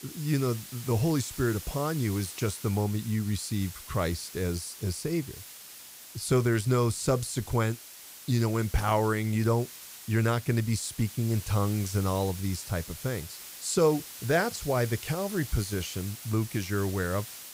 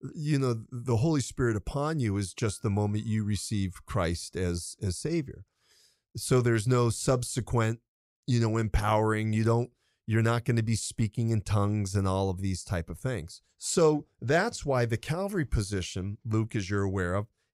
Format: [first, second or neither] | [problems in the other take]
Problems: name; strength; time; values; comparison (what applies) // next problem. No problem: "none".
second | hiss; noticeable; throughout; 15 dB below the speech